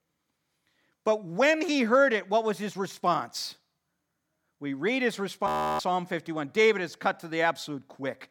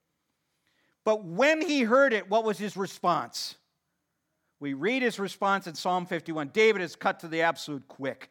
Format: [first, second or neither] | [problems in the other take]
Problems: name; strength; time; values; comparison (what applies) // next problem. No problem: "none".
second | audio freezing; at 5.5 s